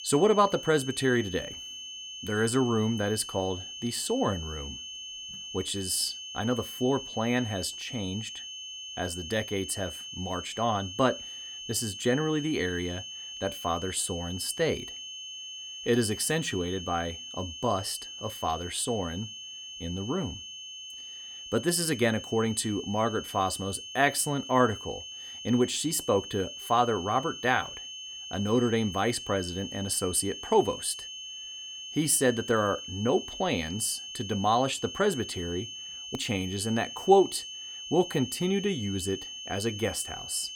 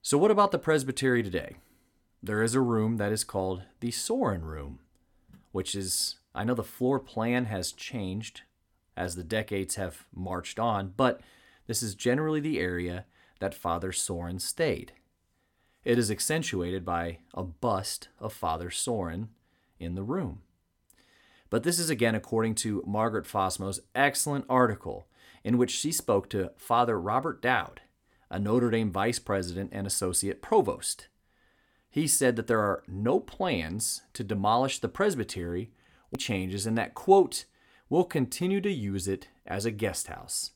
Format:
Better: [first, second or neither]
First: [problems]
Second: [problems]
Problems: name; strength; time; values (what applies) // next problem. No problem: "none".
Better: second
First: high-pitched whine; loud; throughout; 3 kHz, 9 dB below the speech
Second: none